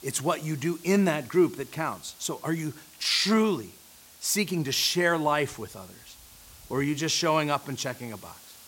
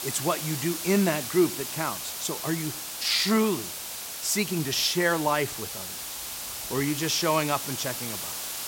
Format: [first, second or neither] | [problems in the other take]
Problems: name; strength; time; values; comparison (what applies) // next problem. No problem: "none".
first | hiss; loud; throughout; 6 dB below the speech; faint in the first